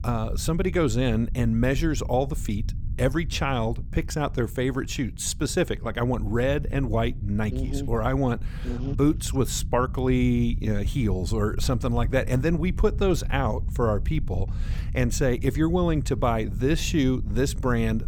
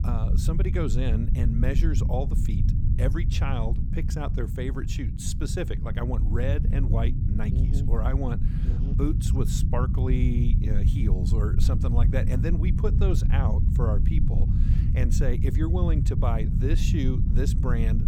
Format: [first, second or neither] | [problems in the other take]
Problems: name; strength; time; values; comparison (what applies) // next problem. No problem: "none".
first | low rumble; loud; throughout; 4 dB below the speech; faint in the first